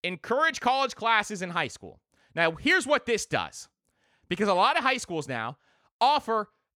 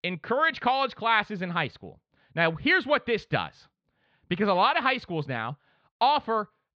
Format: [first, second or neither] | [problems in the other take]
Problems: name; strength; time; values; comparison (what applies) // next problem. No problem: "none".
first | muffled; very slightly; fading above 4 kHz